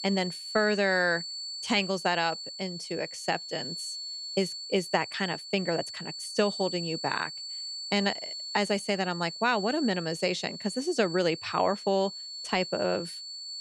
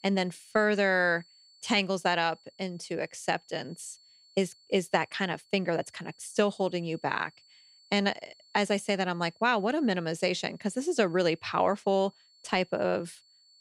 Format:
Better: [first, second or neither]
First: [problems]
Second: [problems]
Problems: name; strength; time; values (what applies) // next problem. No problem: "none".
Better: second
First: high-pitched whine; loud; throughout; 4.5 kHz, 7 dB below the speech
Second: high-pitched whine; faint; throughout; 4.5 kHz, 30 dB below the speech